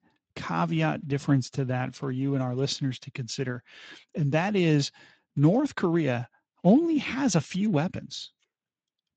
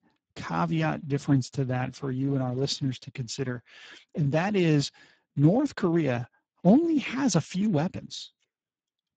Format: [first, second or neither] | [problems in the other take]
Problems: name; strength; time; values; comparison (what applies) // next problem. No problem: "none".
first | garbled, watery; badly; nothing above 7.5 kHz; slightly in the first